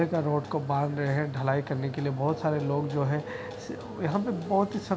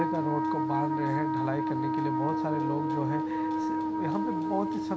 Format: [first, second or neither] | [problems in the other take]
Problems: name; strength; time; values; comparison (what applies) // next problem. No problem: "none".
first | background sound (Wind instrument, woodwind instrument); 4 dB above the speech